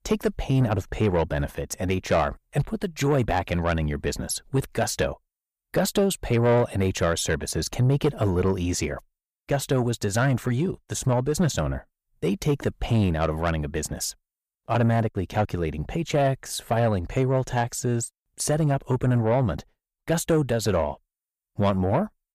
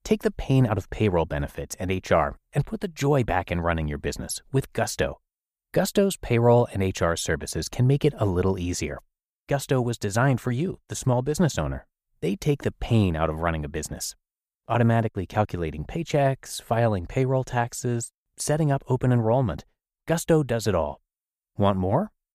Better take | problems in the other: second | distortion; slight; 10 dB below the speech

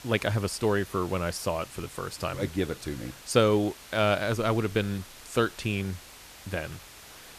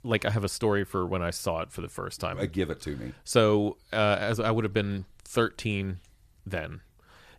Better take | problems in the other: second | hiss; noticeable; throughout; 15 dB below the speech

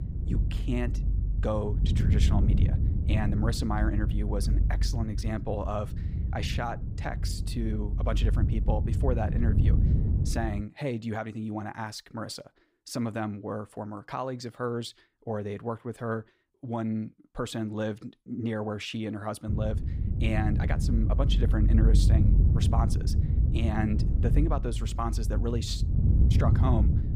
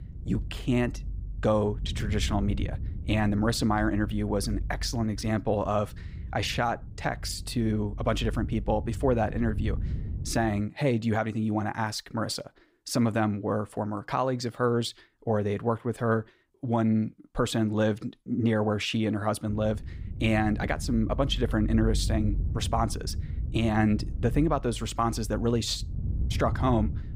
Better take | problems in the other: second | wind noise on the microphone; heavy; until 11 s and from 19 s on; 6 dB below the speech; occasional gusts in the second

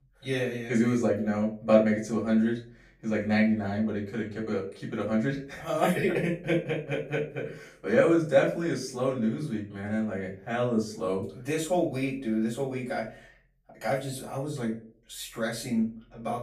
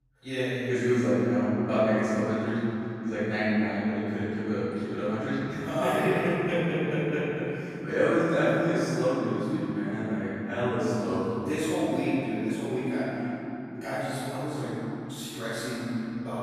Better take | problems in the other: first | room echo; strong; dies away in 3 s; slight in the first // off-mic speech; far; far in the first

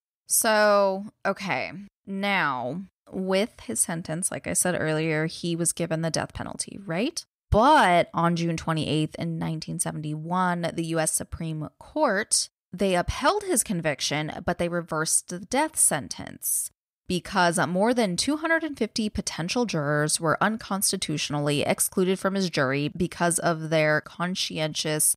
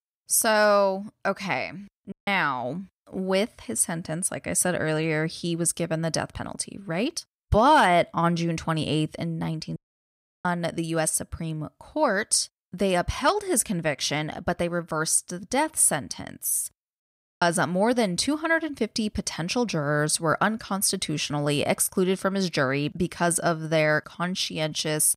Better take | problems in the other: first | audio cutting out; at 2 s, at 10 s for 0.5 s and at 17 s

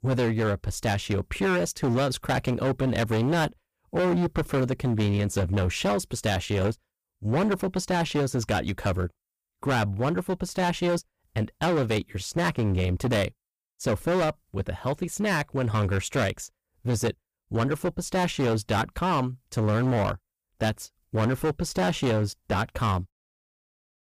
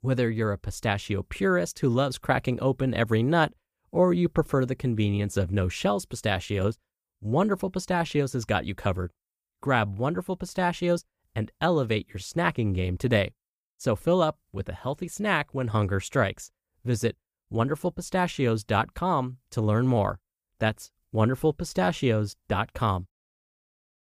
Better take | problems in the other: second | distortion; heavy; 16% of the sound clipped

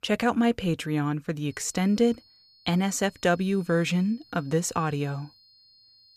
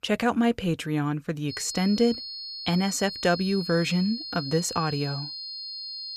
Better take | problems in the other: first | high-pitched whine; loud; from 1.5 s on; 4.5 kHz, 8 dB below the speech; faint in the first

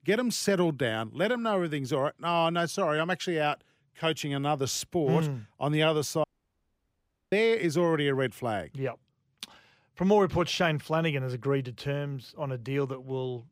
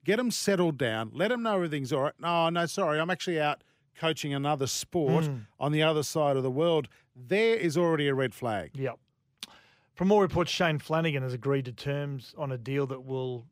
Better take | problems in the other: second | audio cutting out; at 6 s for 1 s

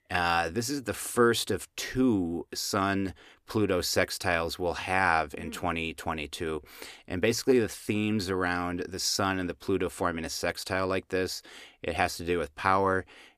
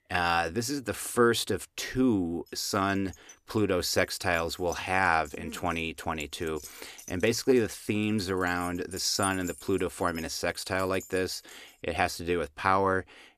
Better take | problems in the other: first | jangling keys; noticeable; from 3 to 12 s; peak 8 dB below the speech

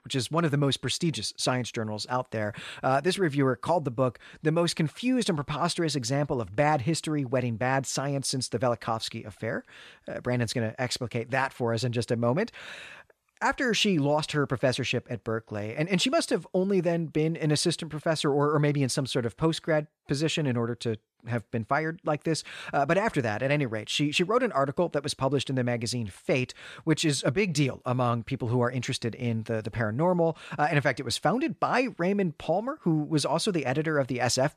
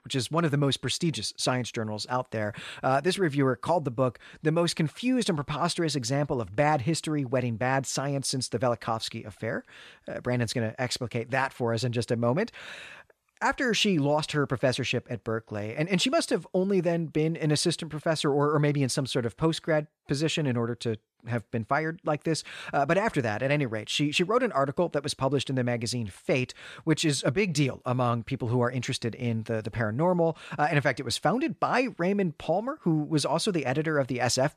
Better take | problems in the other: neither | none

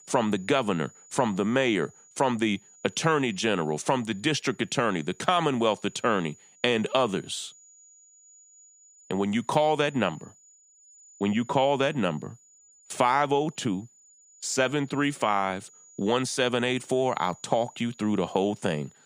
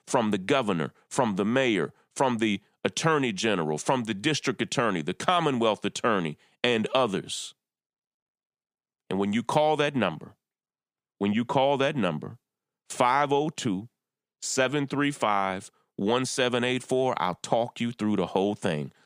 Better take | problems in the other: second | high-pitched whine; faint; throughout; 7 kHz, 25 dB below the speech

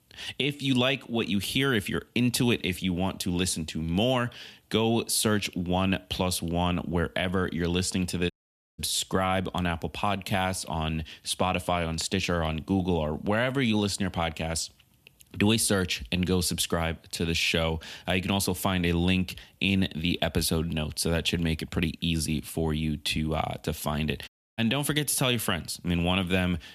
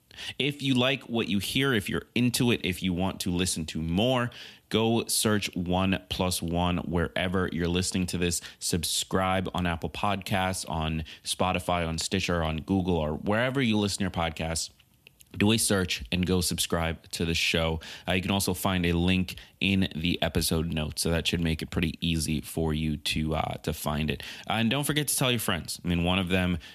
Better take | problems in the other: second | audio cutting out; at 8.5 s and at 24 s

